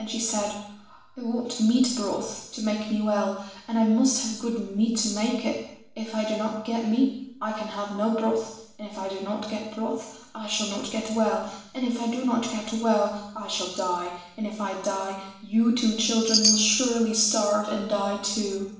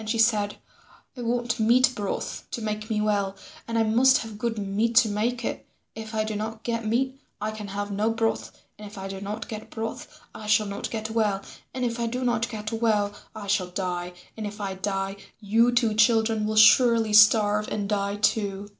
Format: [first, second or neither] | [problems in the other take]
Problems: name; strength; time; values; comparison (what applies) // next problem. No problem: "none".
second | background sound (Chime); as loud as the speech // room echo; dies away in 0.7 s